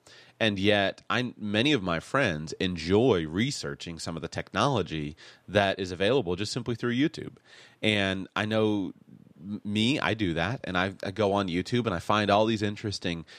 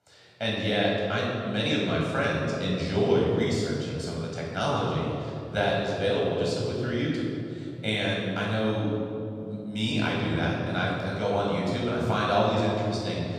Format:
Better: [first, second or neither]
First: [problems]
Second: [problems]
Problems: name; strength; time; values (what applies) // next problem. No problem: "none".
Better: first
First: none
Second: room echo; strong; dies away in 2.6 s // off-mic speech; far